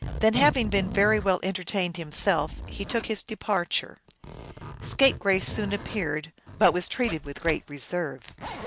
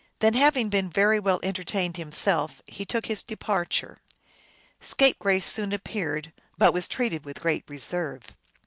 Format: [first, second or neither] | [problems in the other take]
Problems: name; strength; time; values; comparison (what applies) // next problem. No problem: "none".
second | background sound (Zipper (clothing)); 10 dB below the speech